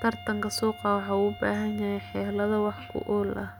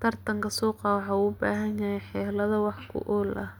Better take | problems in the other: second | background sound (Wind instrument, woodwind instrument); 18 dB below the speech

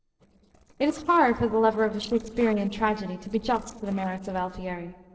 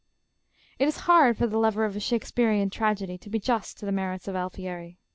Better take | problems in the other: second | noise reduction (neural separator model SepFormer DNS4)

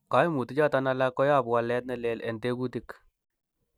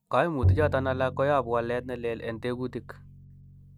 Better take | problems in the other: first | background sound (Bowed string instrument); 3 dB below the speech

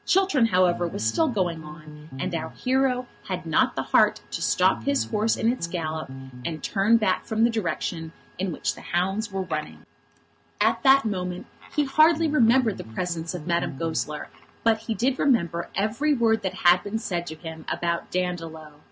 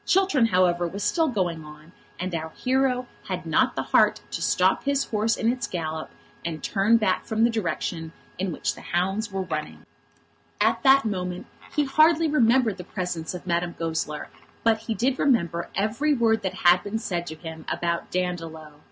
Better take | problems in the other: second | background sound (Bass guitar); 12 dB below the speech

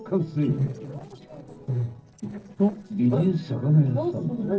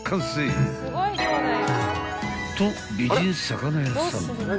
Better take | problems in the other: second | noise reduction (neural separator model SepFormer DNS4)

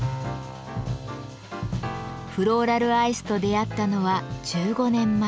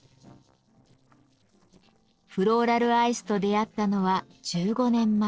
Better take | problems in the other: first | noise reduction (neural separator model SepFormer DNS4)

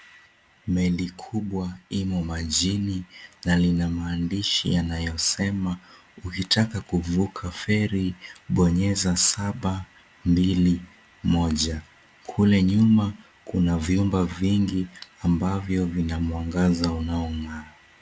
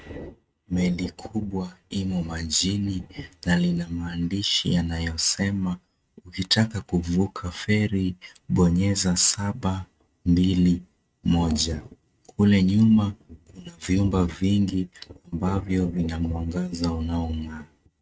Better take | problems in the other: first | noise reduction (neural mask model RNNoise)

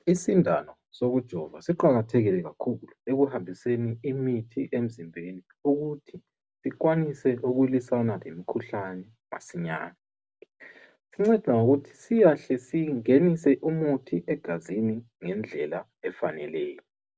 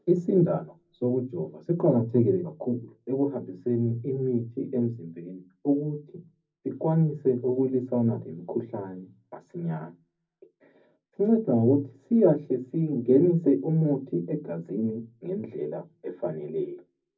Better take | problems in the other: first | room echo; dies away in 0.4 s

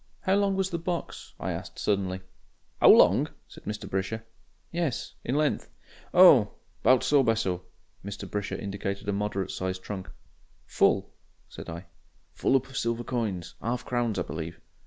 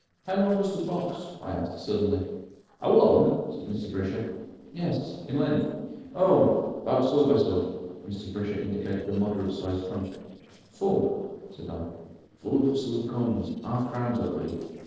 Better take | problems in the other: first | noise reduction (neural separator model SepFormer DNS4)

